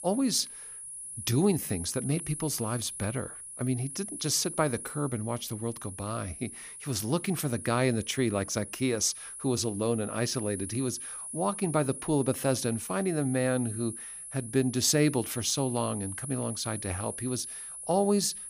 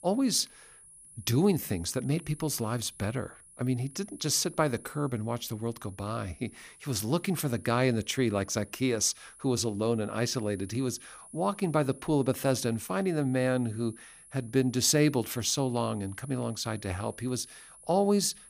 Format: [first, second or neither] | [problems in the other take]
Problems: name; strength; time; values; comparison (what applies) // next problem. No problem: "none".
second | high-pitched whine; loud; throughout; 10.5 kHz, 8 dB below the speech; faint in the second